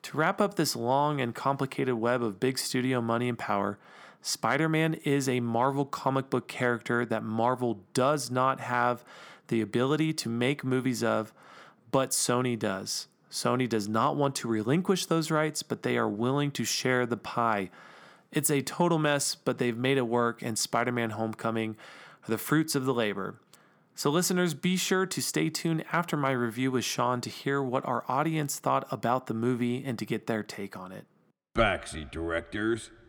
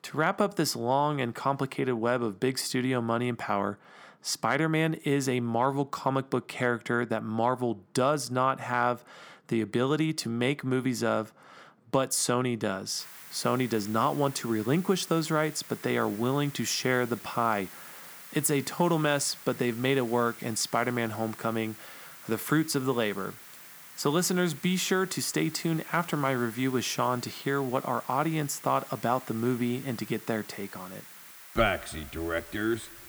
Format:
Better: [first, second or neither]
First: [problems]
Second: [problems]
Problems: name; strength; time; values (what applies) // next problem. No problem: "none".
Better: first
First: none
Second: hiss; noticeable; from 13 s on; 15 dB below the speech